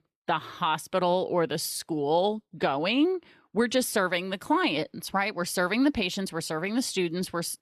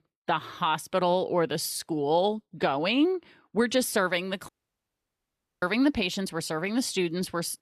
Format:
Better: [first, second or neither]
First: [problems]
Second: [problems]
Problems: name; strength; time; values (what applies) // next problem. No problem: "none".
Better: first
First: none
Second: audio cutting out; at 4.5 s for 1 s